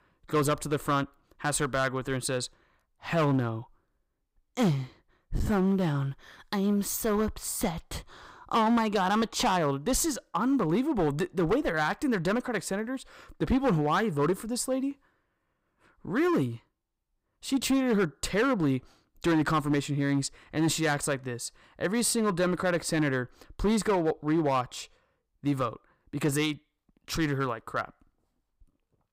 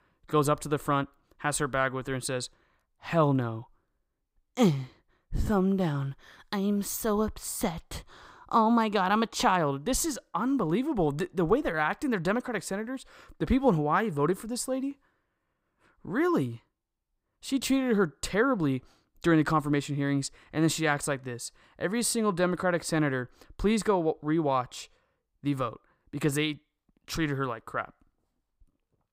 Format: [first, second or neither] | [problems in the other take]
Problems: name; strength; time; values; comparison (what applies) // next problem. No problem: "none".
second | distortion; slight; 5% of the sound clipped